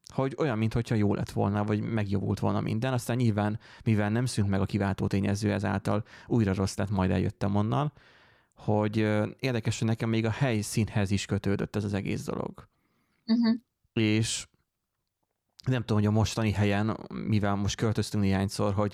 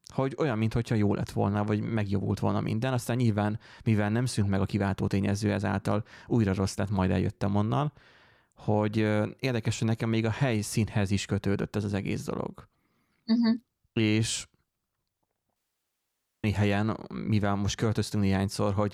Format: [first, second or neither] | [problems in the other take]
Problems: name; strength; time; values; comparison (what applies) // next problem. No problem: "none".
first | audio cutting out; at 16 s for 1 s